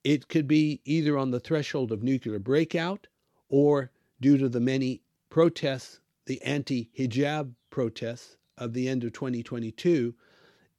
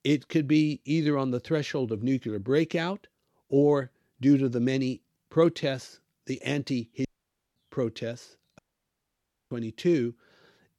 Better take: first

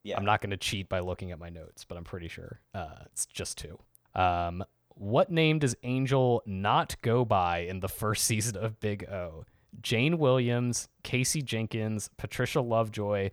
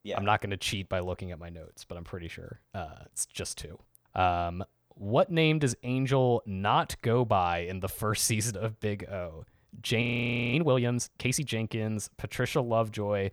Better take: first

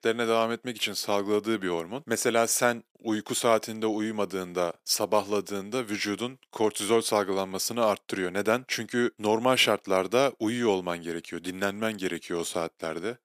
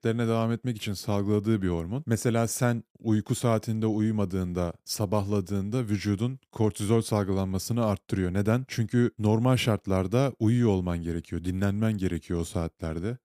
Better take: second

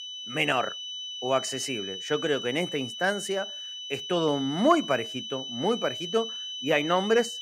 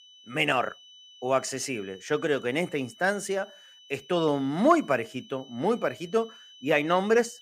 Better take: second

